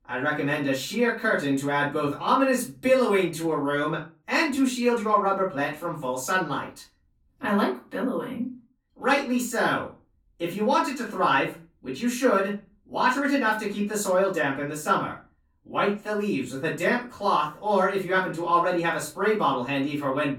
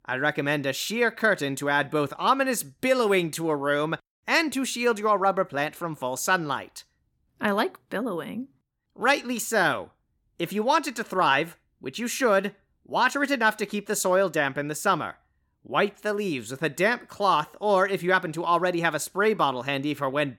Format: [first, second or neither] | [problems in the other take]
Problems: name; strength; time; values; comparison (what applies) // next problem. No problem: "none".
second | off-mic speech; far // room echo; slight; dies away in 0.3 s